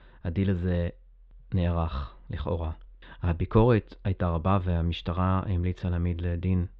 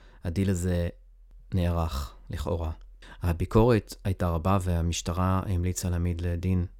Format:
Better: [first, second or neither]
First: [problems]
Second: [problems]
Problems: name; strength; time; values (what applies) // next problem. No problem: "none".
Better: second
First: muffled; very; fading above 3.5 kHz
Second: none